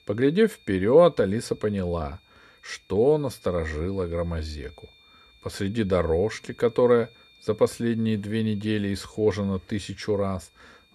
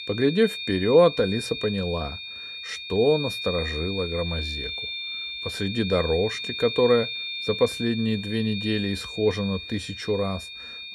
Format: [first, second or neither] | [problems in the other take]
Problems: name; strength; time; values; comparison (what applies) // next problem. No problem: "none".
first | high-pitched whine; loud; throughout; 3.5 kHz, 7 dB below the speech; faint in the first